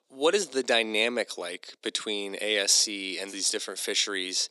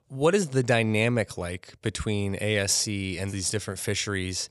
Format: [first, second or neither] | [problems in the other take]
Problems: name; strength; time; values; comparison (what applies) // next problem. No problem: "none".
second | thin; somewhat; fading below 250 Hz